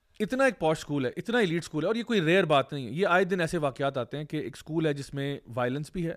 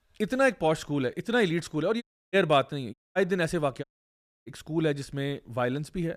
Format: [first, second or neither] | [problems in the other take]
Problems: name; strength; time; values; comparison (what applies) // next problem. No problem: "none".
first | audio cutting out; at 2 s, at 3 s and at 4 s for 0.5 s